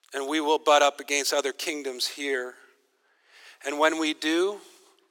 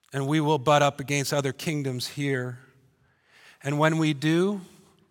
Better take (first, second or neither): second